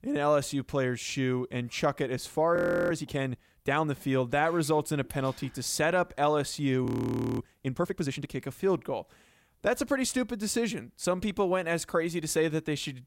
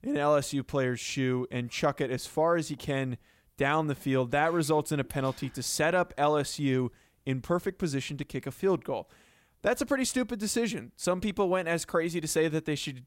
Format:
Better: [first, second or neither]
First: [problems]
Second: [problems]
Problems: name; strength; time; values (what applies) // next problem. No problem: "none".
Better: second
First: audio freezing; at 2.5 s and at 7 s for 0.5 s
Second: none